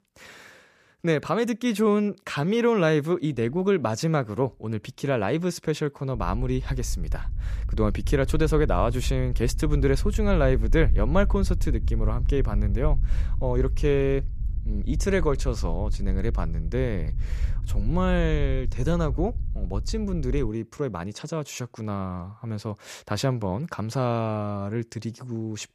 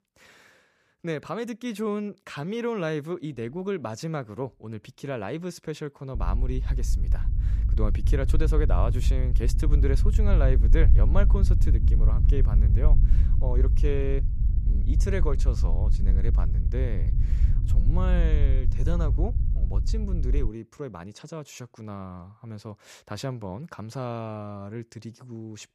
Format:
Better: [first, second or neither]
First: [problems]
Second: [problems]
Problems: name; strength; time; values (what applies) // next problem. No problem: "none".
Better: first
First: low rumble; faint; from 6 to 20 s; 20 dB below the speech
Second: low rumble; loud; from 6 to 20 s; 8 dB below the speech